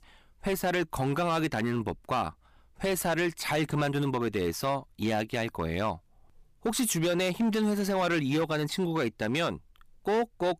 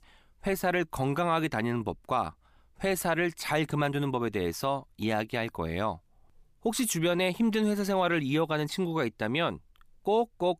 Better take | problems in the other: second | distortion; slight; 9% of the sound clipped

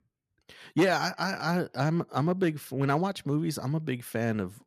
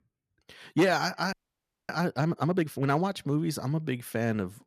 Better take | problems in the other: first | audio freezing; at 1.5 s for 0.5 s

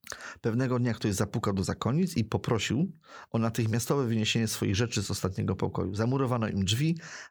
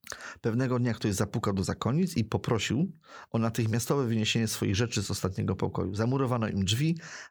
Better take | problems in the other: neither | none

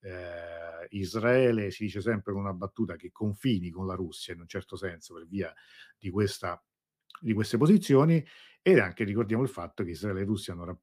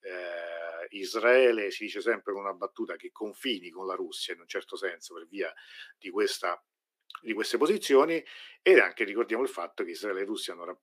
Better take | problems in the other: first | thin; very; fading below 350 Hz

